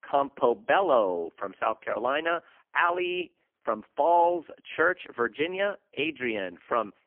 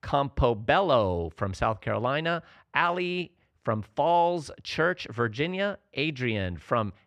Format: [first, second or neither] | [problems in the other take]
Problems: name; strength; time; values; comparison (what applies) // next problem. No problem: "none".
second | phone-call audio; poor line; nothing above 3 kHz